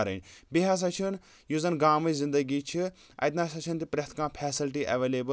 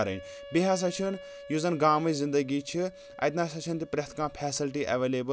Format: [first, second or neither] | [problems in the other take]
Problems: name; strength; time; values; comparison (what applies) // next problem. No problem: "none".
first | background sound (Wind instrument, woodwind instrument); 18 dB below the speech